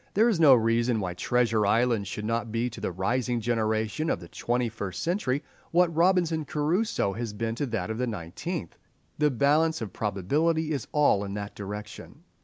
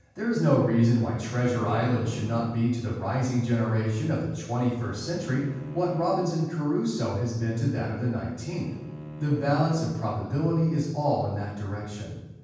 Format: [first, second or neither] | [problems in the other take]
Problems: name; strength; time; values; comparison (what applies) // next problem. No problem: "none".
first | background sound (Bowed string instrument); 16 dB below the speech // room echo; dies away in 1.2 s